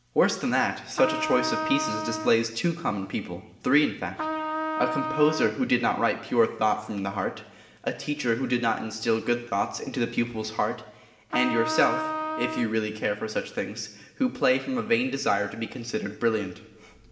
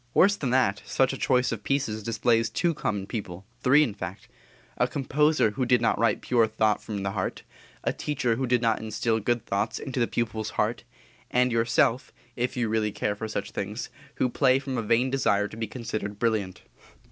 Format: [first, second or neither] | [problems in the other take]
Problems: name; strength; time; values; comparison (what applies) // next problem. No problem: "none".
second | background sound (Trumpet); 4 dB below the speech // room echo; dies away in 0.9 s